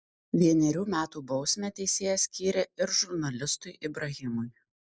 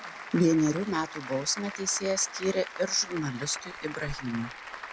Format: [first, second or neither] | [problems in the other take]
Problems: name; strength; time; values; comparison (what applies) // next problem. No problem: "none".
first | background sound (Applause); 11 dB below the speech